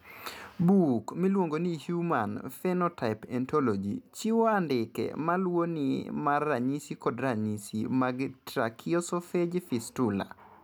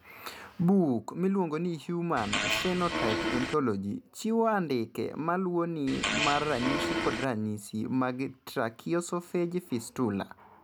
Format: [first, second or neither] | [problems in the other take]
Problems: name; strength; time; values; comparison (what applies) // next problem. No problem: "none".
first | background sound (Fart); 1 dB below the speech